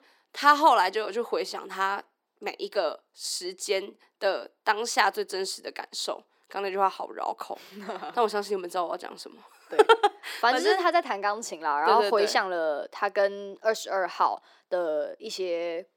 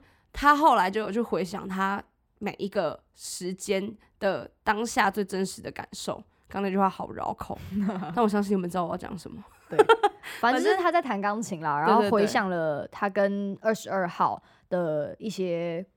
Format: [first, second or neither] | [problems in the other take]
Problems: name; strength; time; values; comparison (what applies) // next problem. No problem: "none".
second | thin; somewhat; fading below 350 Hz